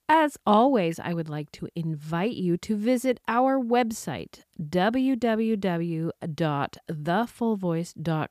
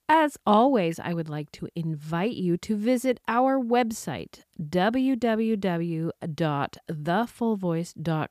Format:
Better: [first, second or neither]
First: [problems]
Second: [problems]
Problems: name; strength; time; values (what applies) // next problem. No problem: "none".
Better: neither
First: none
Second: none